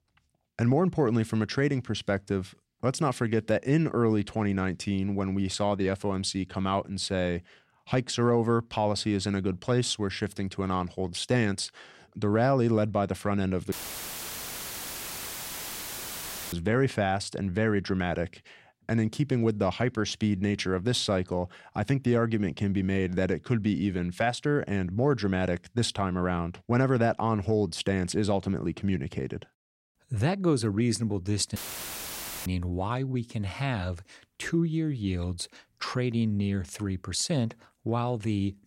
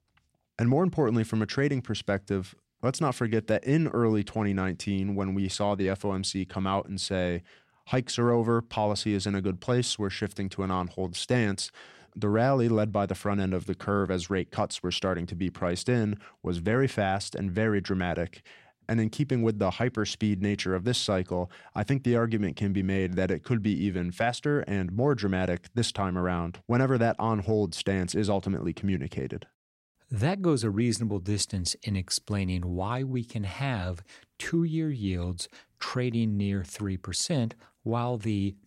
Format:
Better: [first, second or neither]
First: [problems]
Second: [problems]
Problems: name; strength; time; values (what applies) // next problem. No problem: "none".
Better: second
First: audio cutting out; filled with static; at 14 s for 3 s and at 32 s for 1 s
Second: none